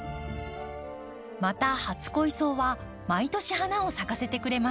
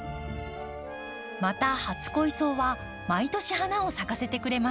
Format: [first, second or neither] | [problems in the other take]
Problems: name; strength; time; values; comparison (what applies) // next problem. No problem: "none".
first | background sound (Trumpet); 15 dB below the speech